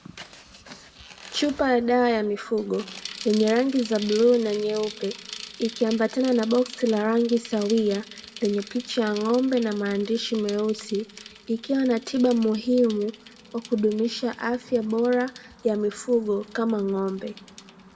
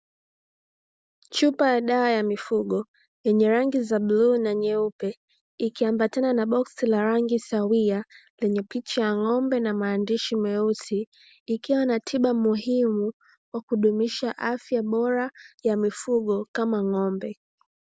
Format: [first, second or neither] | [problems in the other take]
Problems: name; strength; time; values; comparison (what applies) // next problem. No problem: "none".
second | background sound (Bicycle); 18 dB below the speech // room echo; dies away in 1.4 s